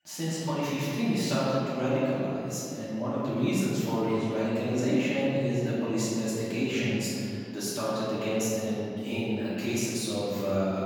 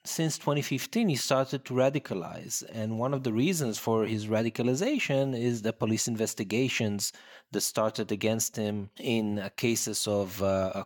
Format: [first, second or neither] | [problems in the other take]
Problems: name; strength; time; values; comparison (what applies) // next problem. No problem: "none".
second | off-mic speech; far // room echo; strong; dies away in 2.3 s